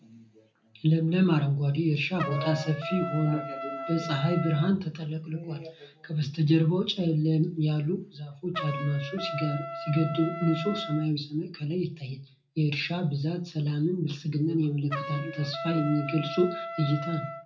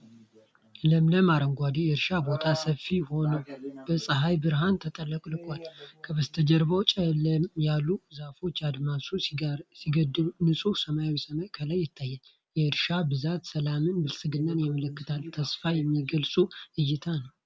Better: second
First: background sound (Trumpet); 11 dB below the speech // room echo; dies away in 0.3 s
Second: none

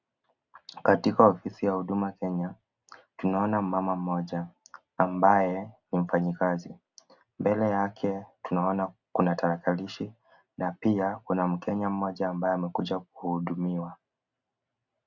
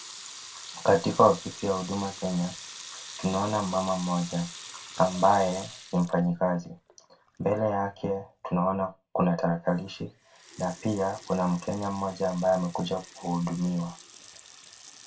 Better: first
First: none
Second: background sound (Sink (filling or washing) / Water tap, faucet / Liquid); 17 dB below the speech // room echo; dies away in 0.2 s

